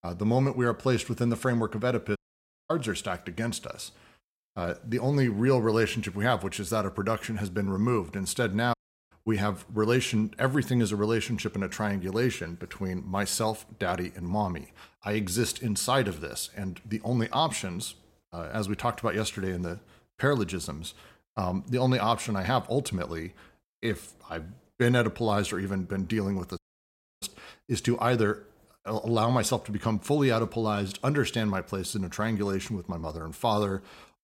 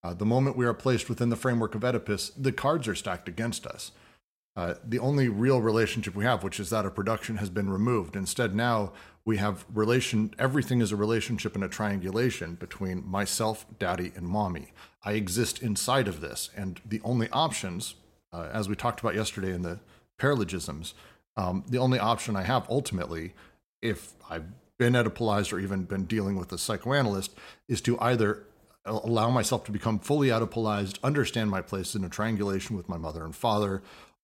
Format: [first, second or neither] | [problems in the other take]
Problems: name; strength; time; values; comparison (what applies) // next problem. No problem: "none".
second | audio cutting out; at 2 s for 0.5 s, at 8.5 s and at 27 s for 0.5 s